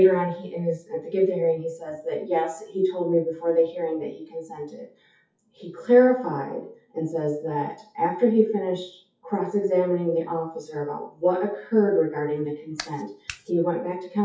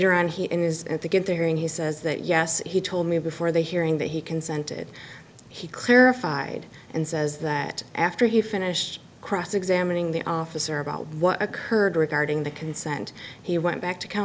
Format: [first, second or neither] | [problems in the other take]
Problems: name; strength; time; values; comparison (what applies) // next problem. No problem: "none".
second | noise reduction (classical method WPE with log-MMSE)